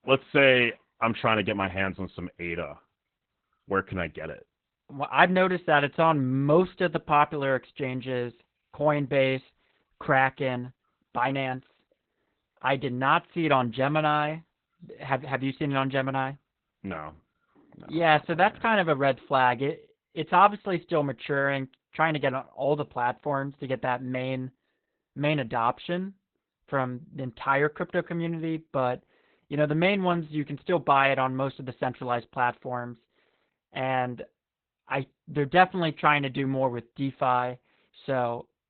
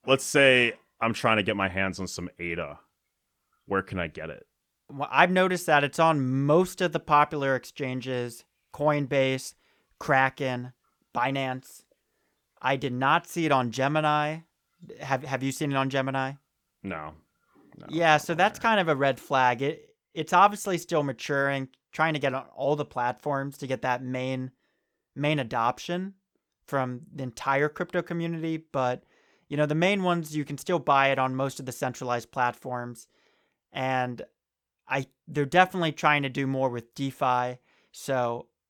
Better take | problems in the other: second | garbled, watery; badly; nothing above 3.5 kHz

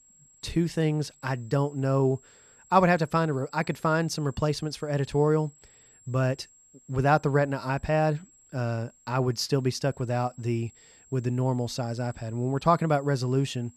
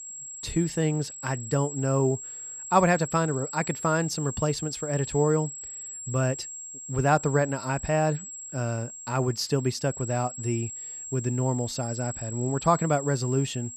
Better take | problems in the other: first | high-pitched whine; loud; throughout; 7.5 kHz, 9 dB below the speech; faint in the first

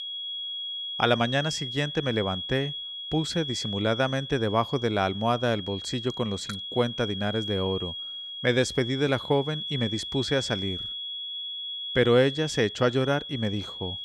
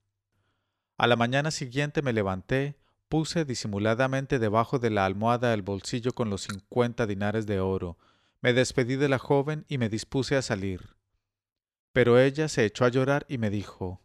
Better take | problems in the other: second | high-pitched whine; loud; throughout; 3.5 kHz, 6 dB below the speech

